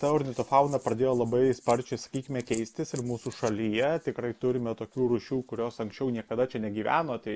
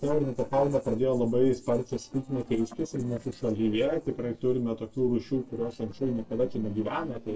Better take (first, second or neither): first